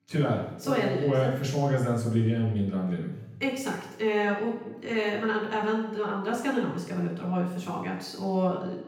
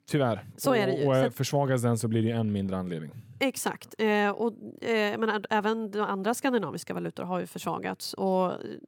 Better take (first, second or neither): second